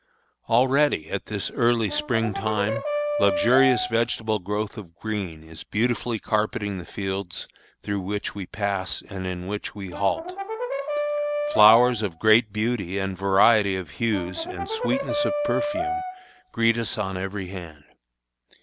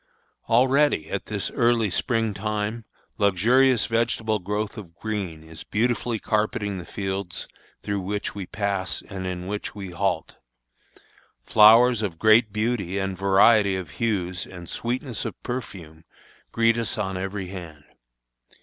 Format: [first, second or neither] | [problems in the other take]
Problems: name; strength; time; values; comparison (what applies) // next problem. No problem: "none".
second | background sound (Brass instrument); 3 dB below the speech